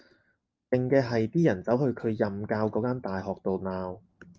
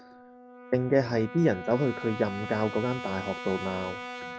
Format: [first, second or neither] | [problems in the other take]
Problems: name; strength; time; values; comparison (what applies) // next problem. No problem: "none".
first | background sound (Brass instrument); 11 dB below the speech